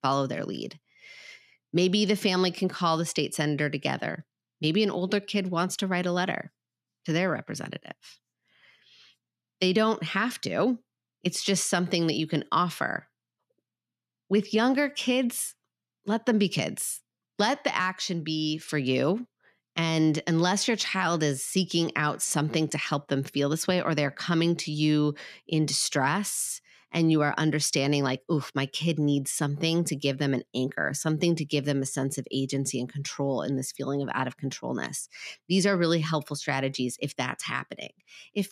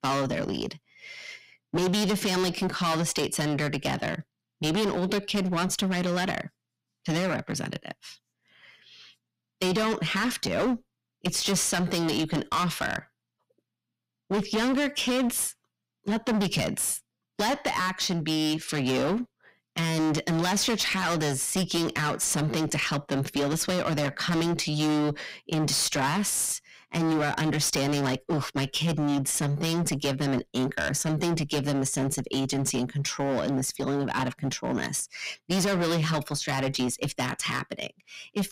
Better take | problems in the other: first | distortion; heavy; 19% of the sound clipped

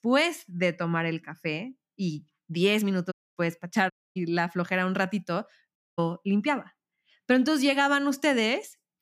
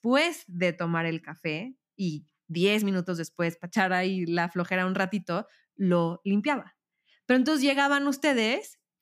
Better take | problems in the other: second | audio cutting out; at 3 s, at 4 s and at 6 s

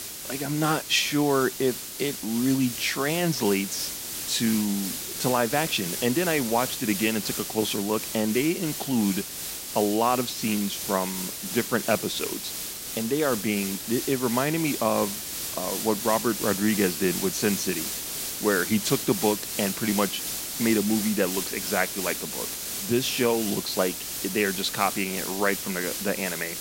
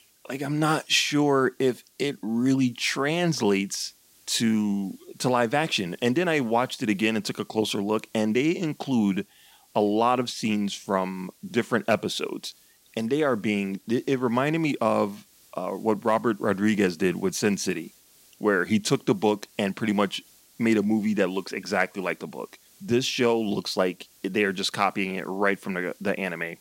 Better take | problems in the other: second | hiss; loud; throughout; 4 dB below the speech; faint in the second

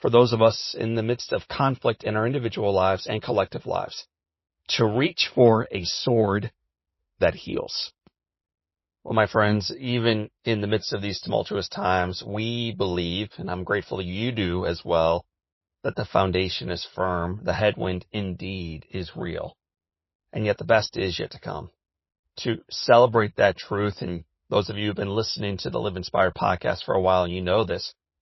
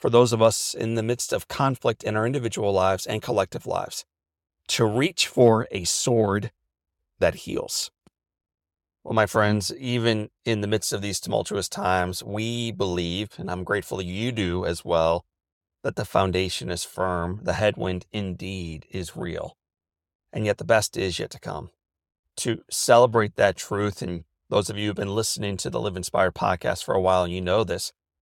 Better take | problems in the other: second | garbled, watery; slightly; nothing above 5.5 kHz

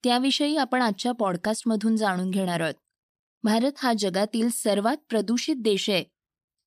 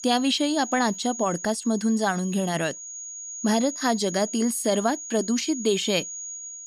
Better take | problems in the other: first | high-pitched whine; loud; throughout; 6.5 kHz, 10 dB below the speech

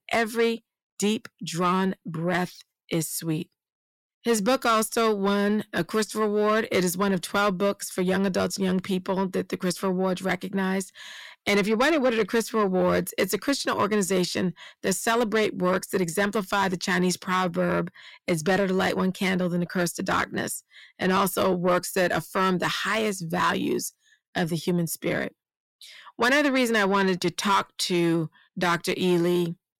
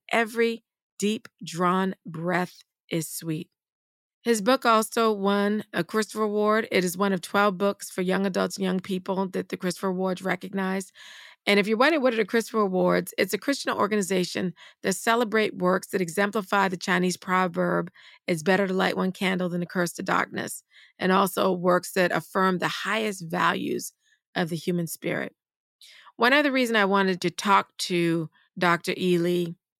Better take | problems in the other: second | distortion; slight; 10 dB below the speech

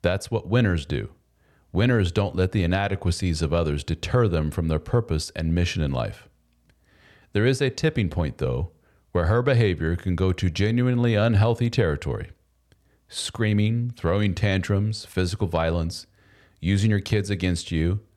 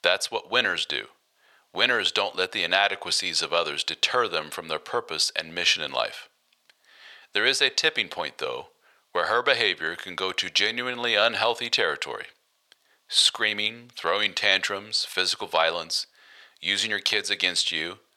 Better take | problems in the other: first | thin; very; fading below 800 Hz

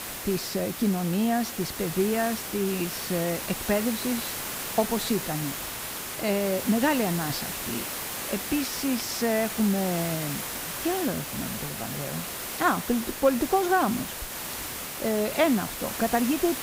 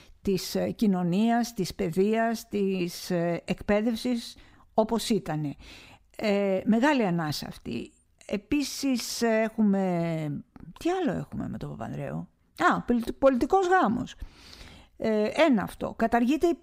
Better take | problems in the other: second | hiss; loud; throughout; 4 dB below the speech

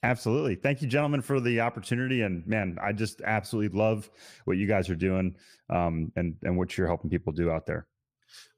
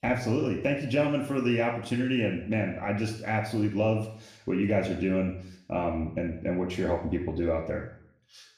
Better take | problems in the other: first | room echo; noticeable; dies away in 0.6 s // off-mic speech; somewhat distant

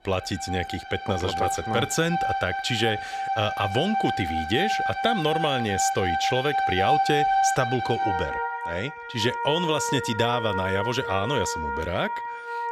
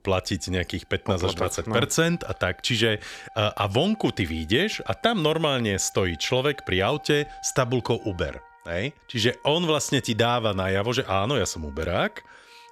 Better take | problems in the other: second | background music; loud; throughout; 1 dB below the speech; faint in the second

